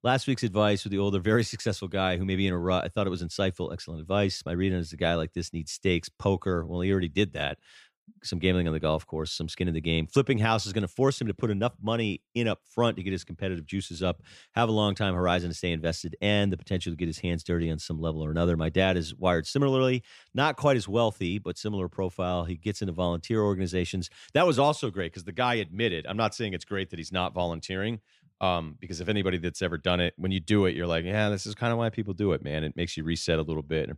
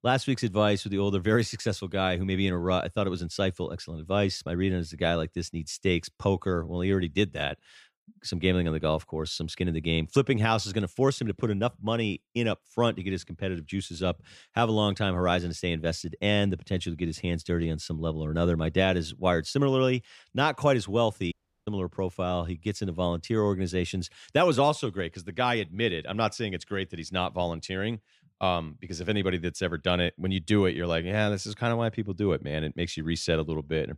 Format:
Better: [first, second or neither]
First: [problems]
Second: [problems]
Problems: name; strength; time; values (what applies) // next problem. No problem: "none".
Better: first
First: none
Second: audio cutting out; at 21 s